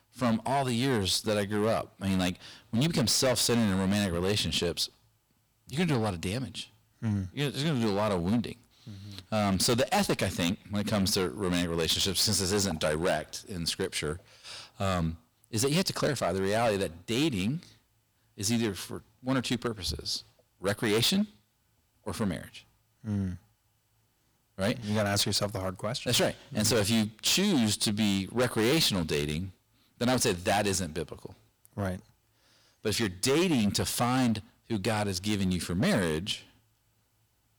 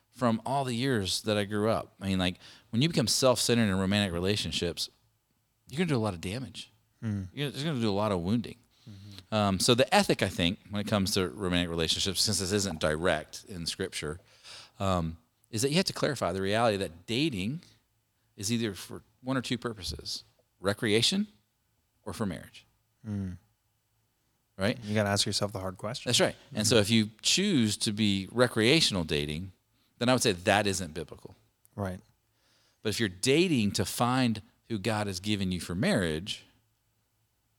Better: second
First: distortion; heavy; 9% of the sound clipped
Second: none

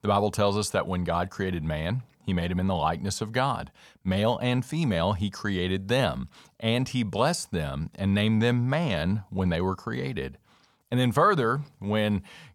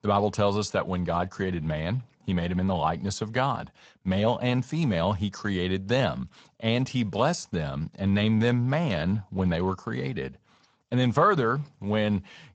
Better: first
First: none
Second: garbled, watery; slightly; nothing above 7.5 kHz

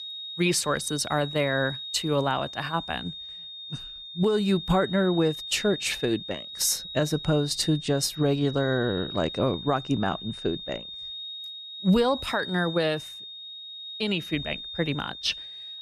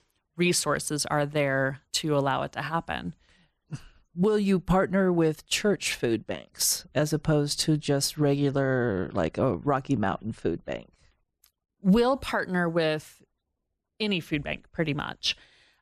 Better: second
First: high-pitched whine; loud; throughout; 3.5 kHz, 9 dB below the speech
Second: none

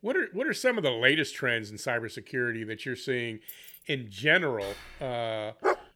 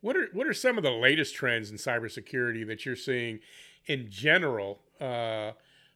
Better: second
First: jangling keys; faint; at 3.5 s; peak 15 dB below the speech // clattering dishes; faint; at 4.5 s; peak 15 dB below the speech // dog barking; noticeable; at 5.5 s; peak 1 dB below the speech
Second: none

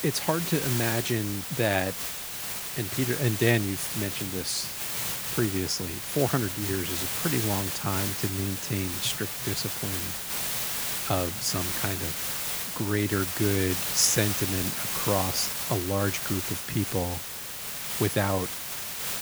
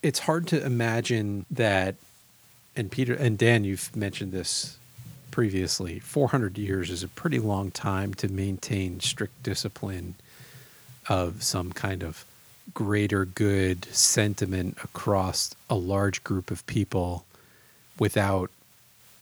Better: second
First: hiss; loud; throughout; 1 dB below the speech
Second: hiss; faint; throughout; 25 dB below the speech

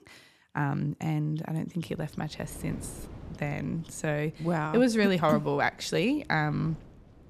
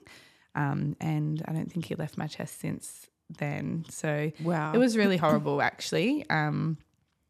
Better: second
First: wind noise on the microphone; occasional gusts; from 2 s on; 25 dB below the speech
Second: none

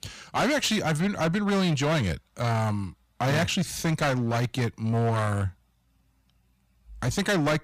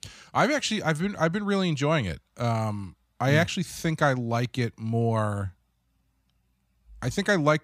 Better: second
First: distortion; heavy; 16% of the sound clipped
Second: none

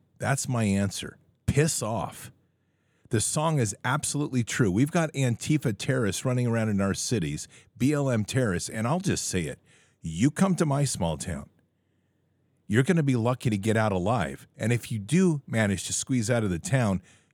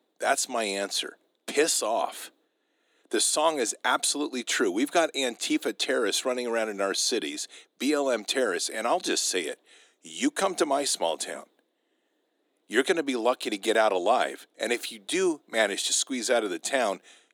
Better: first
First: none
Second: thin; somewhat; fading below 300 Hz

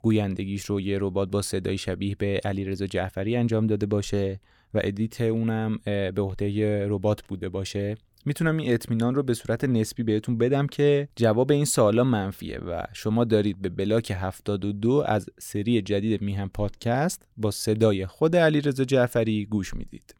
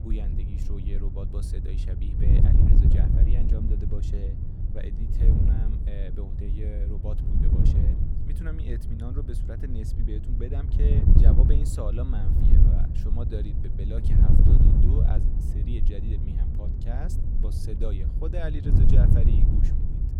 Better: first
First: none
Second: wind noise on the microphone; heavy; 2 dB above the speech

